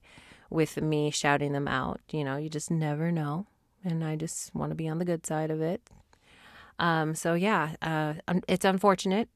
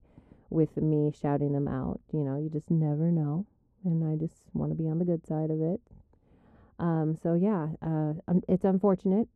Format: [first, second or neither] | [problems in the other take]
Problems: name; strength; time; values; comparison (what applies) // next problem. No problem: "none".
first | muffled; very; fading above 1 kHz